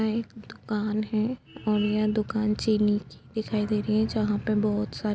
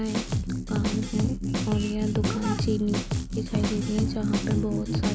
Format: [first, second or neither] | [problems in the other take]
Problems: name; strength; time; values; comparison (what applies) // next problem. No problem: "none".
first | background sound (Drum kit); 2 dB above the speech